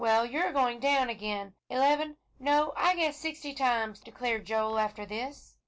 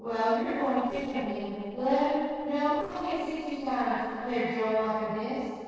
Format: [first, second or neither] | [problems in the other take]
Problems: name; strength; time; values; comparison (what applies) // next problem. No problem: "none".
first | noise reduction (neural separator model SepFormer DNS4)